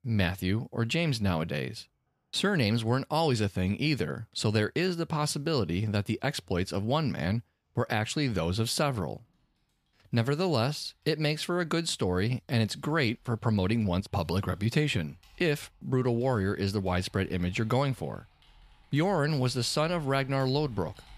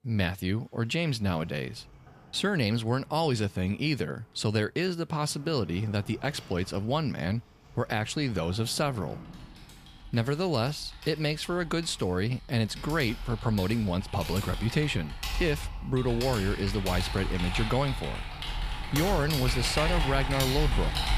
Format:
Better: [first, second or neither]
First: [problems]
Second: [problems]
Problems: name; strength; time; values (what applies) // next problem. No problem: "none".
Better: first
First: household noises; faint; throughout; 30 dB below the speech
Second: household noises; loud; throughout; 5 dB below the speech